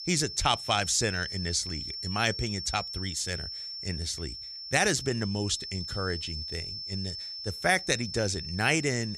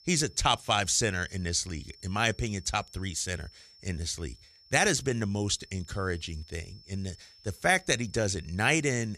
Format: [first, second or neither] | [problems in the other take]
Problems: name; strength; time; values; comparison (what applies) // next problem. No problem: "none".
second | high-pitched whine; loud; throughout; 5.5 kHz, 7 dB below the speech; faint in the second